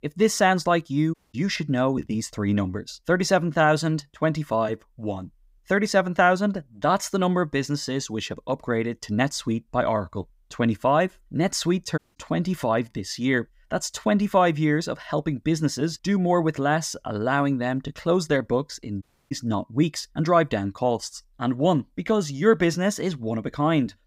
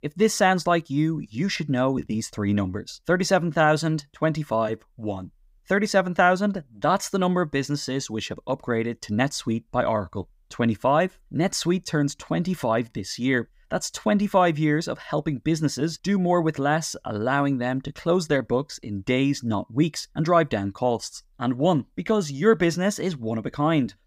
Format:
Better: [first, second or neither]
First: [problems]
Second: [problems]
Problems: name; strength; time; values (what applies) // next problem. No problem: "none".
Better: second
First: audio cutting out; at 1 s, at 12 s and at 19 s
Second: none